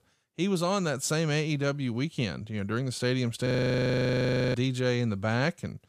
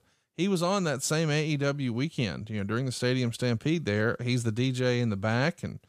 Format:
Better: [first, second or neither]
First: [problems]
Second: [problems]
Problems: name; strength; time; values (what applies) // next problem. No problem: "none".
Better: second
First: audio freezing; at 3.5 s for 1 s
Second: none